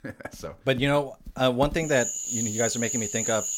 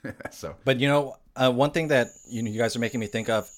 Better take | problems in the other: second | animal sounds; loud; throughout; 3 dB below the speech; faint in the second

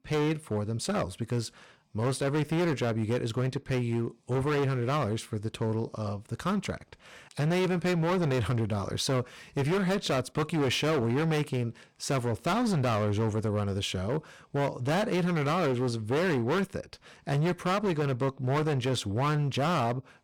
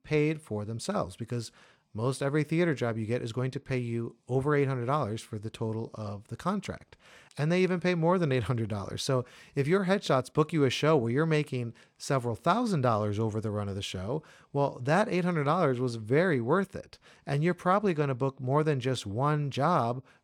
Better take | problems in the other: second | distortion; heavy; 18% of the sound clipped

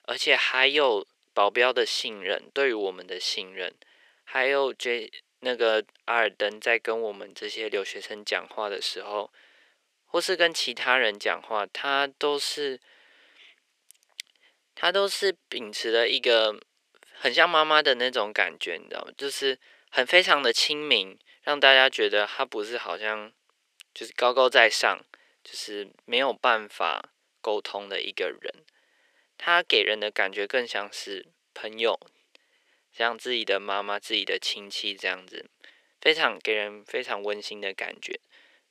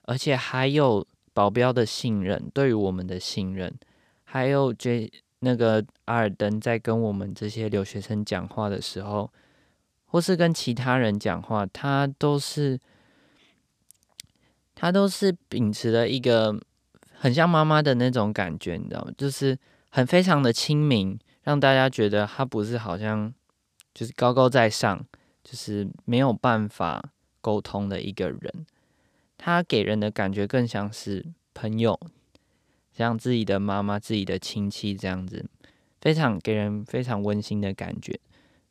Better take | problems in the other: second | thin; very; fading below 400 Hz

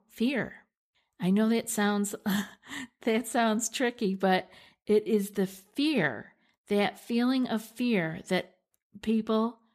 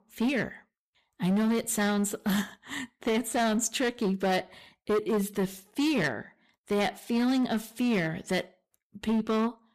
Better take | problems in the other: first | distortion; slight; 12% of the sound clipped

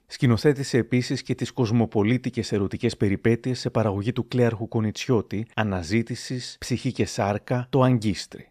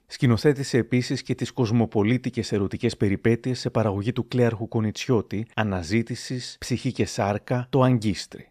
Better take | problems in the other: neither | none

